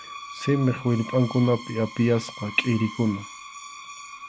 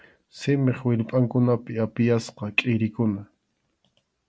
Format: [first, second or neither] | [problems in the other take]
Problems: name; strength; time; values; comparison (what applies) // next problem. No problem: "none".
second | background sound (Screech); 14 dB below the speech